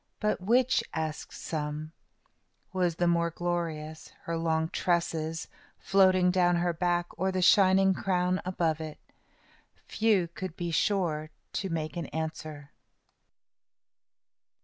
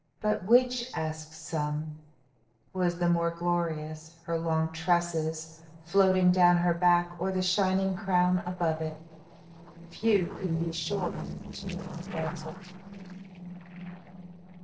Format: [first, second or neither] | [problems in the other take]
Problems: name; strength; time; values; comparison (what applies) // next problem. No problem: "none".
first | noise reduction (neural separator model SepFormer DNS4)